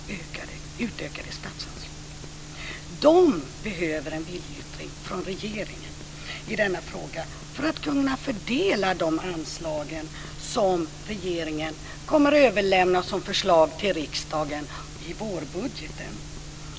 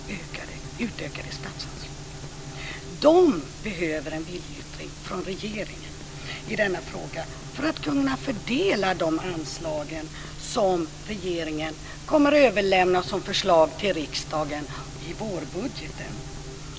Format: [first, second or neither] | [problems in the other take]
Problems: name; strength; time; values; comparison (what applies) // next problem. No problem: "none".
first | background sound (Bowed string instrument); 19 dB below the speech